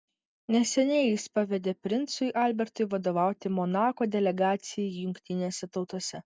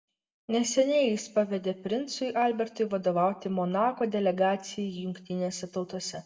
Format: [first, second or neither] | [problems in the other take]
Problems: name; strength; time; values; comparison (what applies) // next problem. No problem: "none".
first | room echo; dies away in 0.5 s